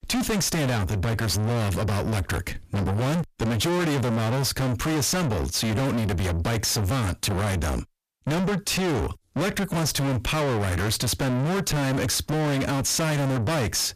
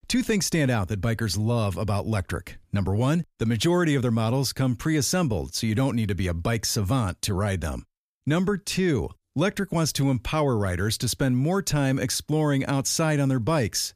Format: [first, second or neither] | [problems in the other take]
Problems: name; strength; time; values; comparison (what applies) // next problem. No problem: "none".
second | distortion; heavy; 6 dB below the speech